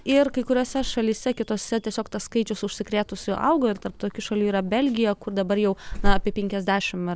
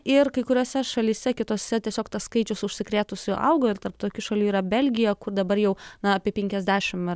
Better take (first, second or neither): second